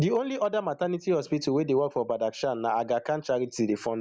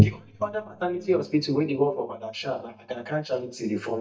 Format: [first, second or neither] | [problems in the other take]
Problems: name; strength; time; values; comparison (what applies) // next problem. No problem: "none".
first | noise reduction (neural mask model DeepFilterNet 3)